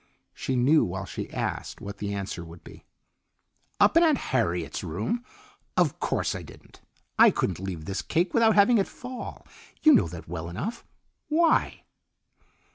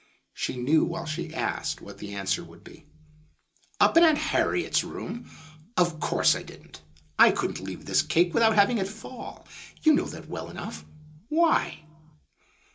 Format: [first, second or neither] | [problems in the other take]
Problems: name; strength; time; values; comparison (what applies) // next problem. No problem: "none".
first | room echo; dies away in 0.2 s